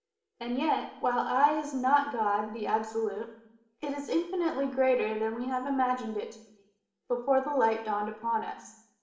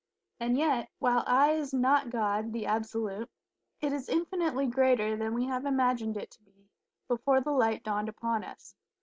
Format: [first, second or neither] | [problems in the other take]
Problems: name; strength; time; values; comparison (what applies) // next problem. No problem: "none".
second | room echo; dies away in 0.7 s